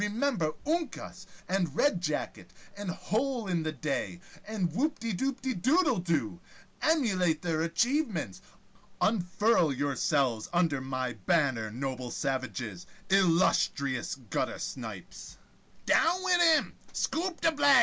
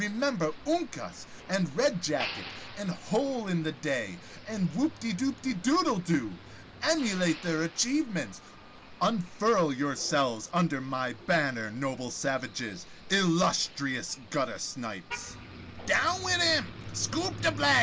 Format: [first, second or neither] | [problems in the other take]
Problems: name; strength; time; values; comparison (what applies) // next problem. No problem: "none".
first | background sound (Motor vehicle (road)); 15 dB below the speech